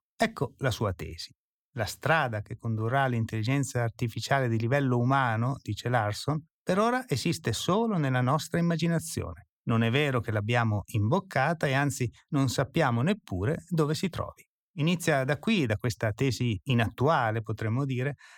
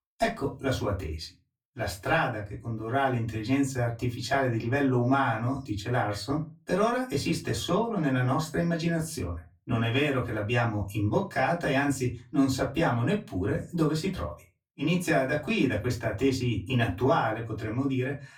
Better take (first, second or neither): first